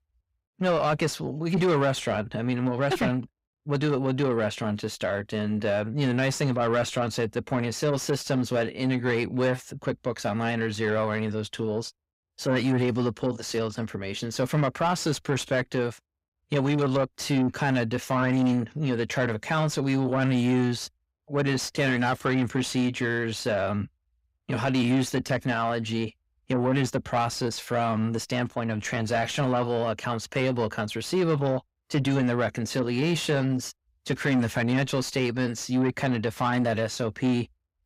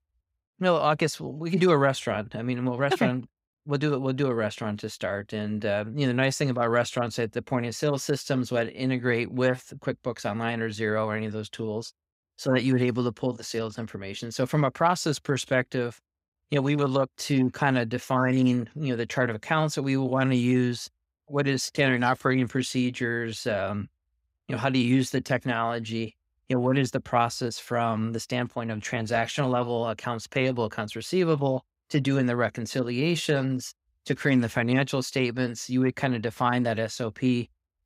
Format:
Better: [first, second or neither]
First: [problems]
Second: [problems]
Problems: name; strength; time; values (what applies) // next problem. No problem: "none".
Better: second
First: distortion; slight; 10 dB below the speech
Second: none